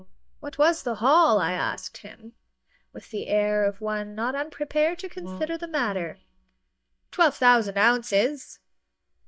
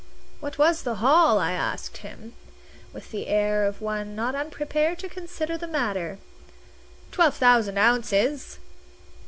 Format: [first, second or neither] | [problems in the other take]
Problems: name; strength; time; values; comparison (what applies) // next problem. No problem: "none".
second | noise reduction (neural mask model DeepFilterNet 3)